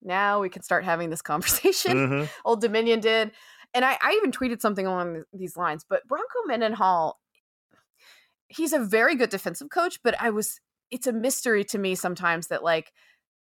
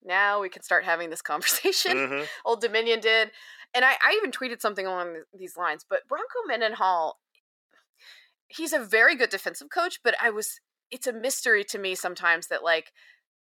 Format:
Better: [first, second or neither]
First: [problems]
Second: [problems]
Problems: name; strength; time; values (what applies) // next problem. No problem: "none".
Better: first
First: none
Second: thin; somewhat; fading below 450 Hz